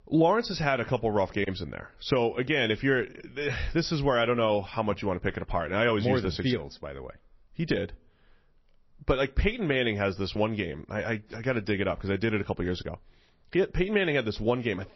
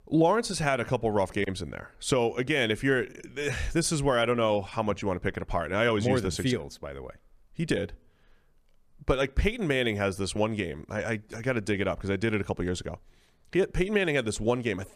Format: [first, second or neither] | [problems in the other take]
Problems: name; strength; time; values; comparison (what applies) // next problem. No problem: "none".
second | garbled, watery; slightly; nothing above 5.5 kHz